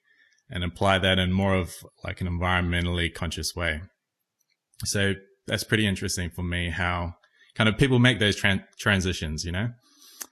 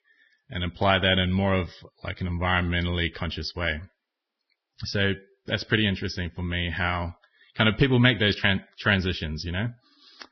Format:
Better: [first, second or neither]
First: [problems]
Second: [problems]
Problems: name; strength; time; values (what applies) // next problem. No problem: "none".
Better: first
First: garbled, watery; slightly; nothing above 12.5 kHz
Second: garbled, watery; badly; nothing above 5.5 kHz